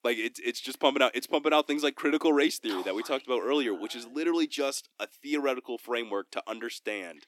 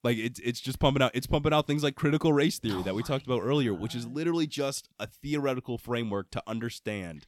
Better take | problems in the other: second | thin; very slightly; fading below 300 Hz

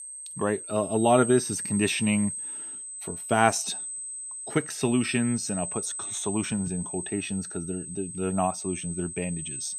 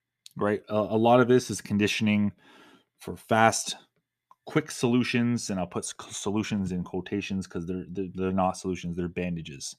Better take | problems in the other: second | high-pitched whine; loud; throughout; 8 kHz, 6 dB below the speech

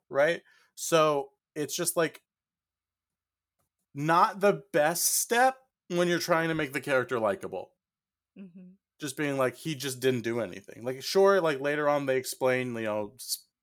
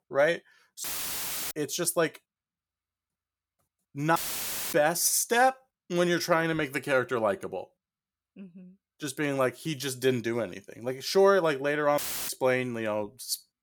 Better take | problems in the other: first | audio cutting out; filled with static; at 1 s for 0.5 s, at 4 s for 0.5 s and at 12 s

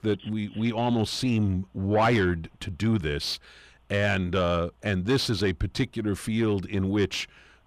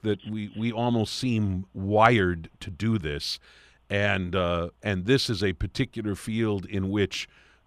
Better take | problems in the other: second | distortion; slight; 10 dB below the speech

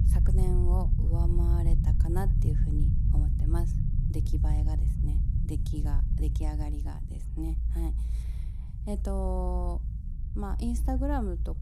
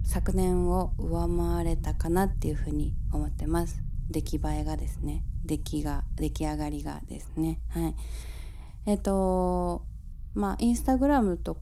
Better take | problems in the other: second | low rumble; loud; throughout; 5 dB below the speech; faint in the second

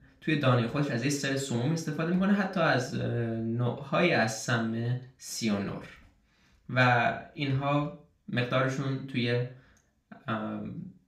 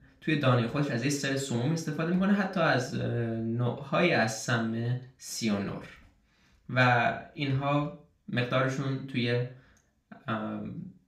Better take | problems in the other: neither | room echo; slight; dies away in 0.4 s; the same in both // off-mic speech; far; the same in both

